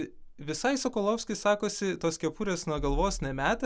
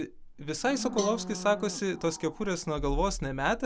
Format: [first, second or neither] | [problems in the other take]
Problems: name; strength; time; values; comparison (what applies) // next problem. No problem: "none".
first | background sound (Livestock, farm animals, working animals + Cowbell); 12 dB below the speech